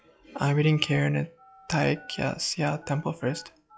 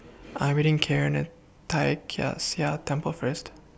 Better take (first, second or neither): second